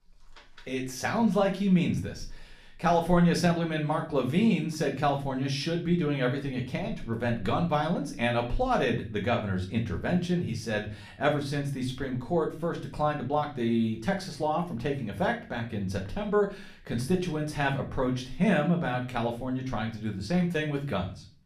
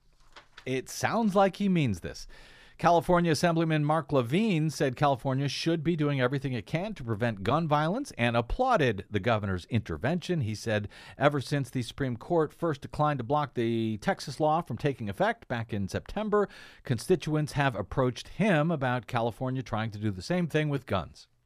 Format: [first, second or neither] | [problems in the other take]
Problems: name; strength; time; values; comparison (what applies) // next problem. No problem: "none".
second | room echo; slight; dies away in 0.4 s // off-mic speech; somewhat distant